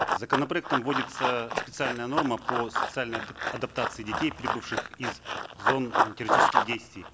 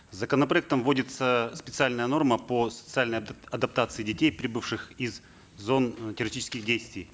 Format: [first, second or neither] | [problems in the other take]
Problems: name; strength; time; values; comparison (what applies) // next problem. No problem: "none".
second | background sound (Run); 3 dB above the speech